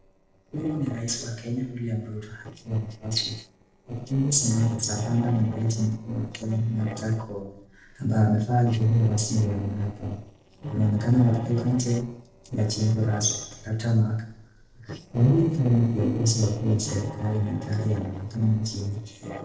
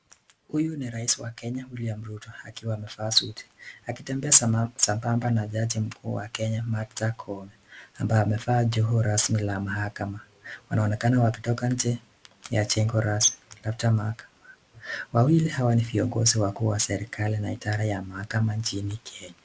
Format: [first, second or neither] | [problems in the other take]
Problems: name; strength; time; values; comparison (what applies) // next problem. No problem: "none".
second | noise reduction (neural separator model SepFormer DNS4)